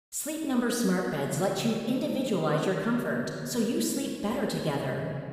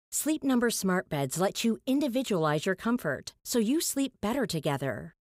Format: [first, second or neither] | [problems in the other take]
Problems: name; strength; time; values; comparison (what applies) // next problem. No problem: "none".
second | room echo; noticeable; dies away in 2.2 s // off-mic speech; somewhat distant